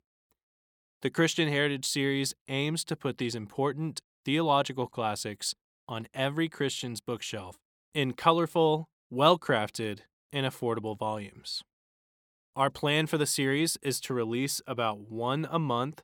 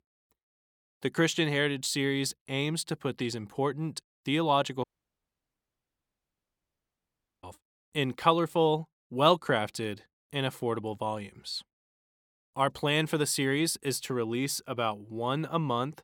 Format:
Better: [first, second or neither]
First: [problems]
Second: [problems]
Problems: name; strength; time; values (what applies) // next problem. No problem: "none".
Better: first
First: none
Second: audio cutting out; at 5 s for 2.5 s